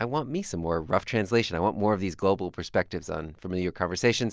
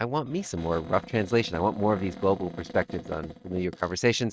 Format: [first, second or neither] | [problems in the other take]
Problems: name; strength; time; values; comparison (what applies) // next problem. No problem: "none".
first | noise reduction (neural mask model RNNoise)